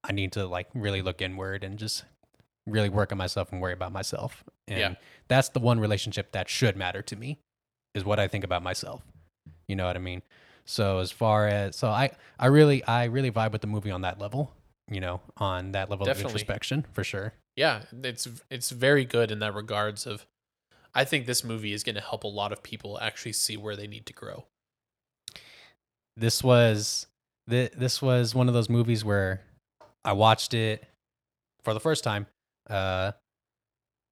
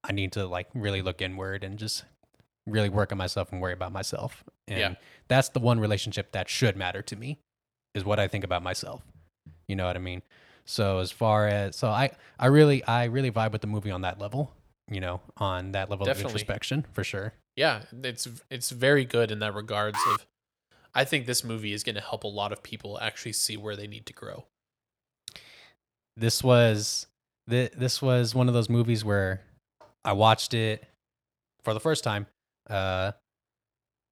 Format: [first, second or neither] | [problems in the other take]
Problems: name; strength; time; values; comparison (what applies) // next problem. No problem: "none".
first | alarm; loud; at 20 s; peak 1 dB above the speech